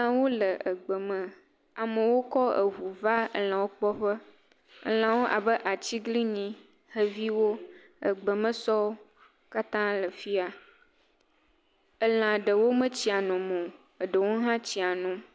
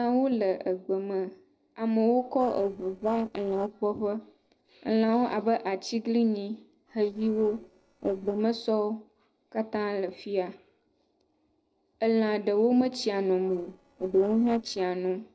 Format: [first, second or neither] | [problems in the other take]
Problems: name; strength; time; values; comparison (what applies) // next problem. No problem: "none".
first | noise reduction (neural separator model SepFormer DNS4)